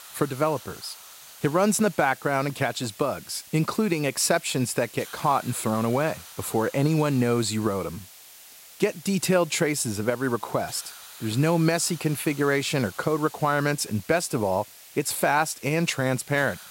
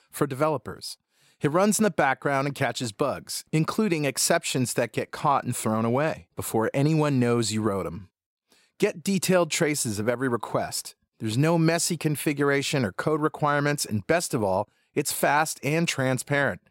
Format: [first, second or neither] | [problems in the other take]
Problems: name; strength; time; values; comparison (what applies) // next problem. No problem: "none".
second | hiss; noticeable; throughout; 20 dB below the speech